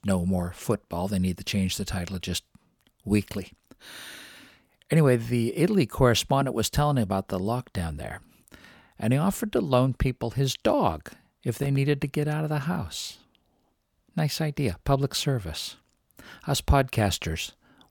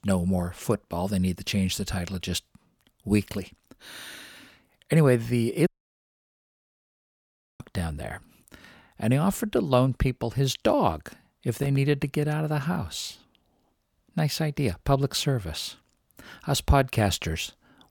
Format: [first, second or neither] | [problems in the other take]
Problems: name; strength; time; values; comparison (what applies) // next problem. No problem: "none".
first | audio cutting out; at 5.5 s for 2 s